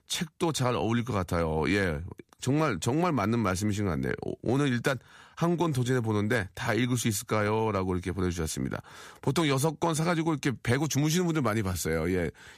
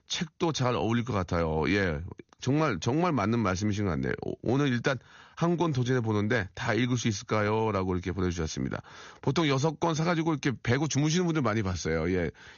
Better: first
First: none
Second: garbled, watery; slightly; nothing above 6.5 kHz

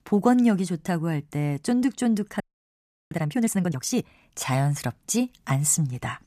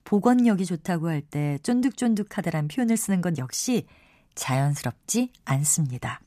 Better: second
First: audio freezing; at 2.5 s for 0.5 s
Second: none

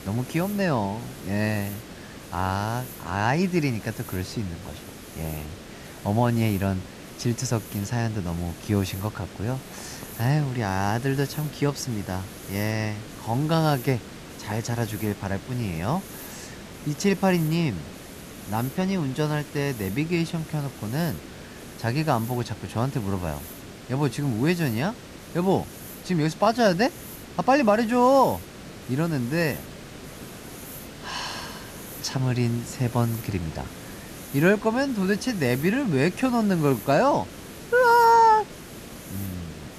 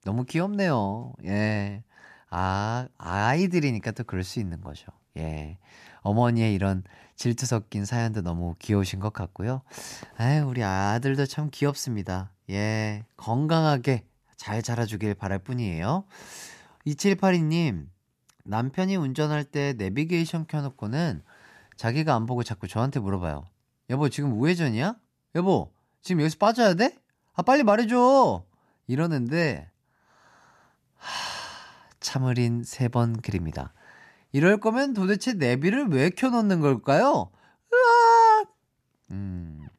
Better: second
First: hiss; noticeable; throughout; 15 dB below the speech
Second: none

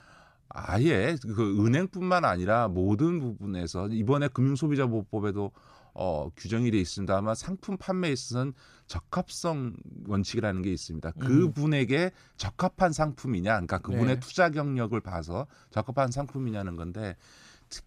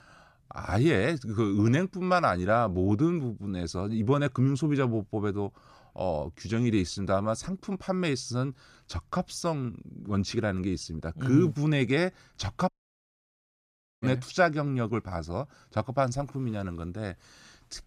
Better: first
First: none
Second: audio cutting out; at 13 s for 1.5 s

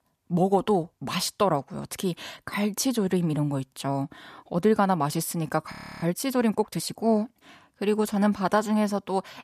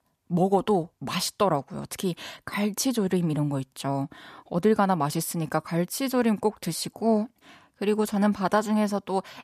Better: second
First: audio freezing; at 5.5 s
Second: none

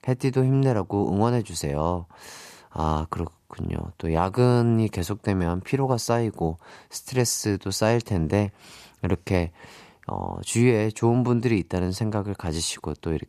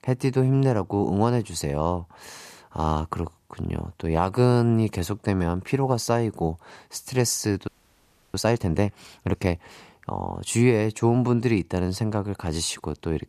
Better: first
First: none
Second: audio freezing; at 7.5 s for 0.5 s

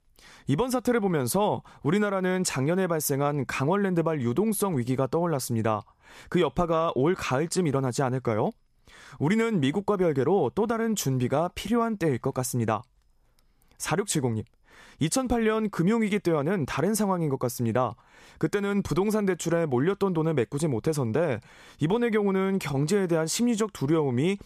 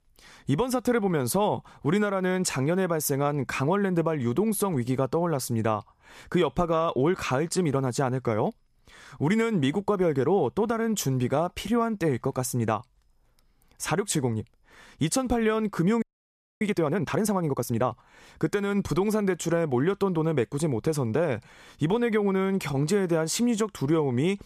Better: first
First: none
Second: audio freezing; at 16 s for 0.5 s

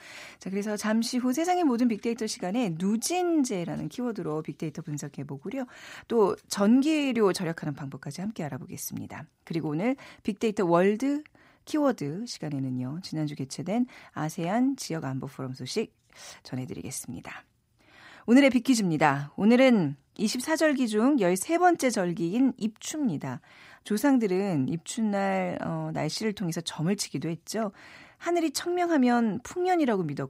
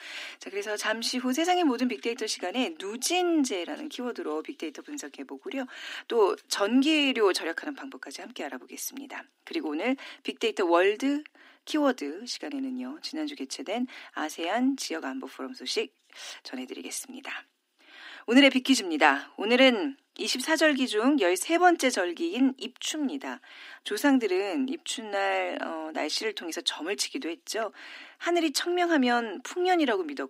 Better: first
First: none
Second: thin; very slightly; fading below 250 Hz

